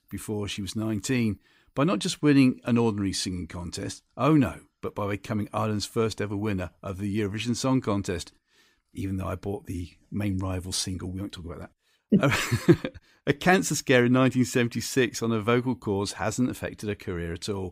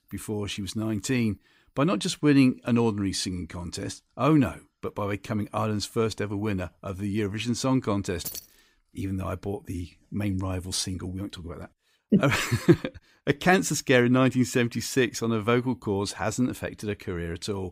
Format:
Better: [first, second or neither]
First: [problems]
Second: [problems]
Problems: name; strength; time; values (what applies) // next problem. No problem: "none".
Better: first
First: none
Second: jangling keys; noticeable; at 8 s; peak 9 dB below the speech